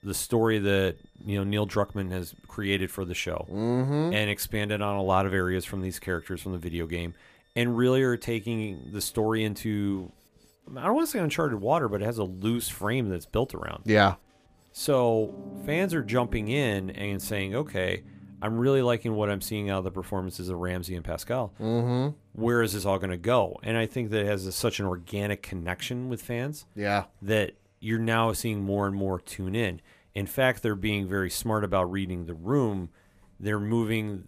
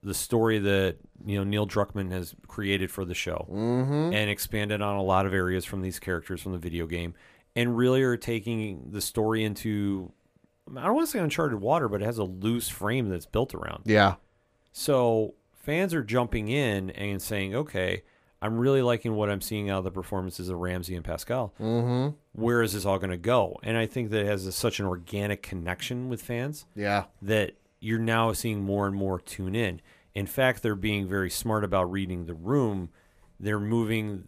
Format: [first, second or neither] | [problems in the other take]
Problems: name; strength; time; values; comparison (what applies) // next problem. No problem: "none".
second | background music; faint; throughout; 20 dB below the speech